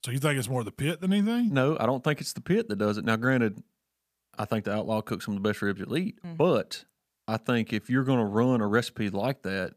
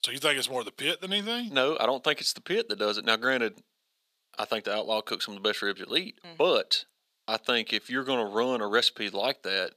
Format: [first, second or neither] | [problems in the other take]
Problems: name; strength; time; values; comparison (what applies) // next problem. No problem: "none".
first | thin; somewhat; fading below 450 Hz